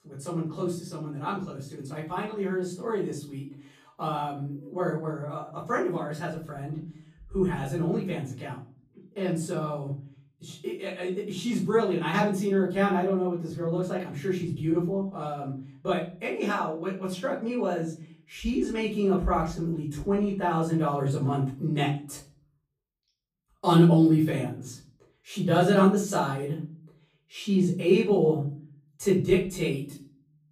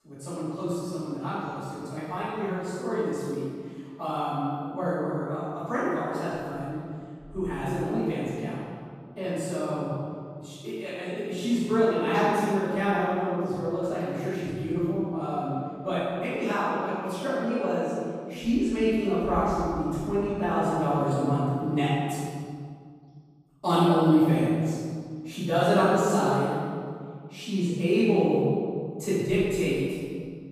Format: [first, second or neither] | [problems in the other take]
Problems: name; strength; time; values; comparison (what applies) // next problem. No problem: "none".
first | room echo; strong; dies away in 2 s; slight in the first // off-mic speech; far; far in the first